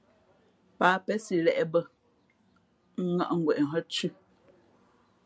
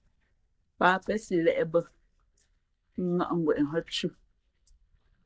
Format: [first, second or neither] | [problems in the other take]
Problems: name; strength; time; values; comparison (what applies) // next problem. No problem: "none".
first | noise reduction (neural mask model DeepFilterNet 3)